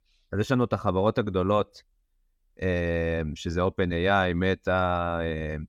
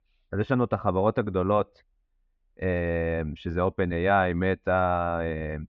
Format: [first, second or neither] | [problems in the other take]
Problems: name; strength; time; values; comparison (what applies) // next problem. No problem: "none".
first | muffled; very; fading above 3 kHz